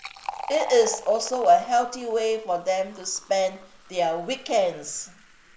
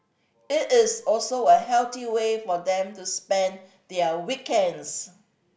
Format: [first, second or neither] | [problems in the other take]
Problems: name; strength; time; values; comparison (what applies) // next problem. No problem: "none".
second | background sound (Fill (with liquid)); 15 dB below the speech